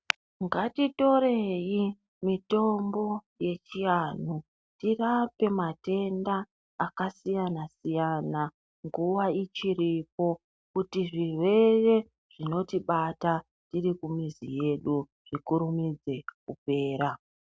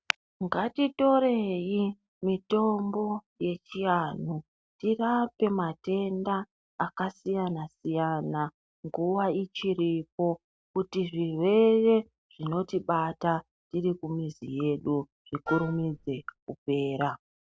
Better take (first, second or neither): first